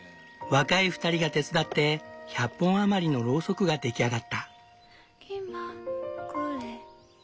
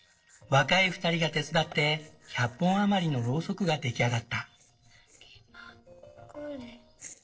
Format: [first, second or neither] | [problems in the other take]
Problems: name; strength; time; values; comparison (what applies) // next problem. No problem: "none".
first | noise reduction (neural separator model SepFormer DNS4)